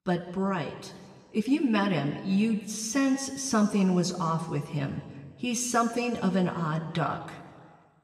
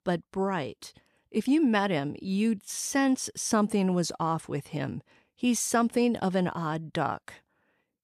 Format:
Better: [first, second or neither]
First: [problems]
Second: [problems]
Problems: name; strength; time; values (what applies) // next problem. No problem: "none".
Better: second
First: room echo; slight; dies away in 1.5 s // off-mic speech; somewhat distant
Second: none